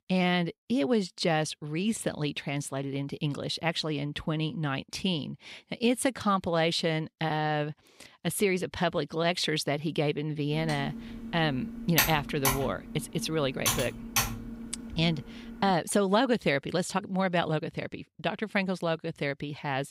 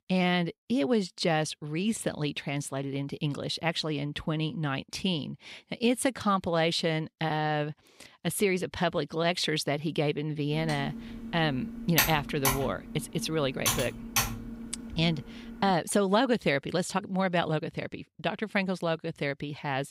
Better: neither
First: keyboard typing; loud; from 11 to 16 s; peak 3 dB above the speech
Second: keyboard typing; loud; from 11 to 16 s; peak 3 dB above the speech

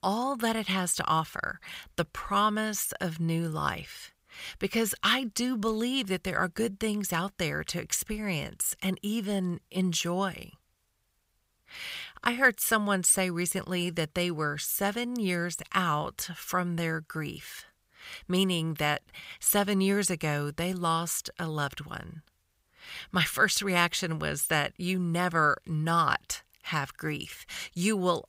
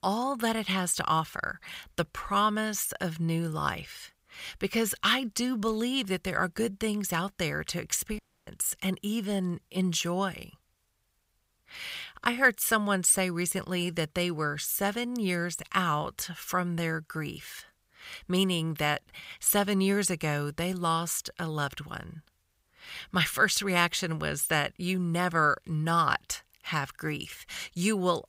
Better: first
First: none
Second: audio cutting out; at 8 s

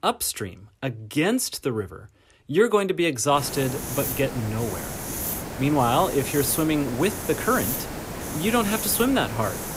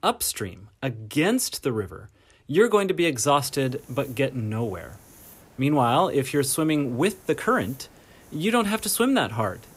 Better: second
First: hiss; loud; from 3.5 s on; 6 dB below the speech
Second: hiss; faint; from 3.5 s on; 25 dB below the speech

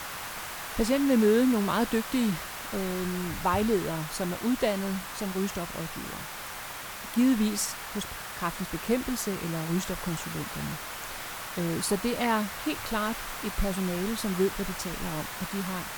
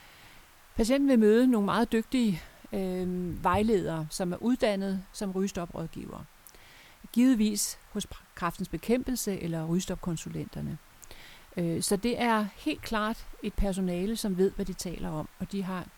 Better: second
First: hiss; loud; throughout; 7 dB below the speech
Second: hiss; faint; throughout; 25 dB below the speech

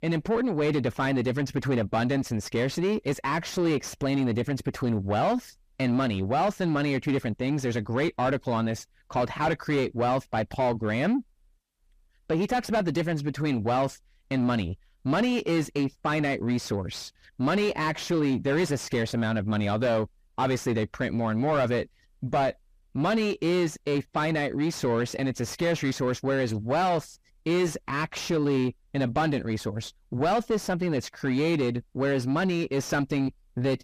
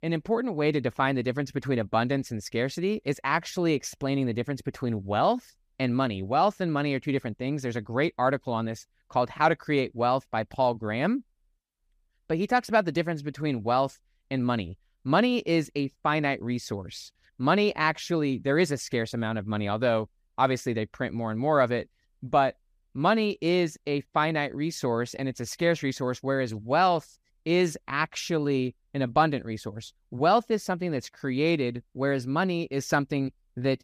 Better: second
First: distortion; heavy; 7 dB below the speech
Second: none

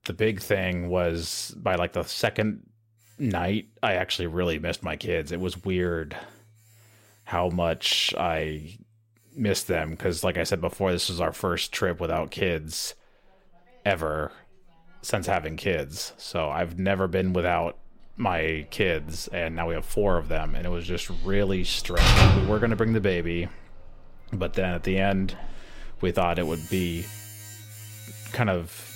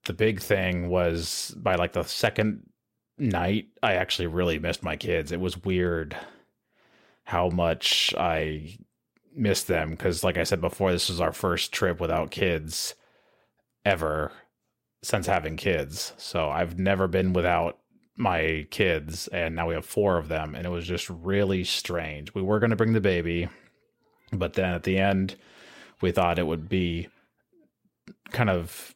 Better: second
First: household noises; loud; throughout; 1 dB below the speech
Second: none

